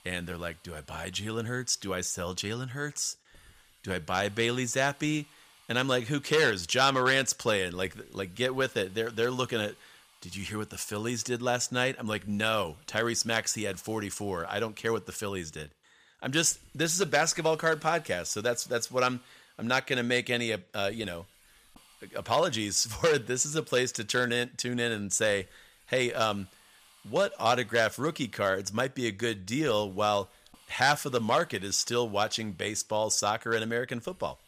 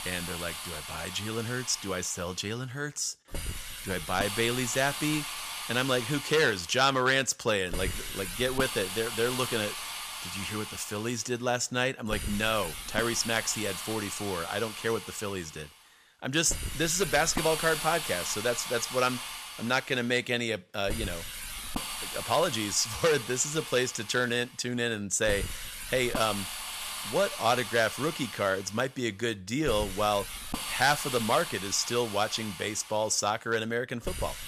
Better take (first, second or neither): first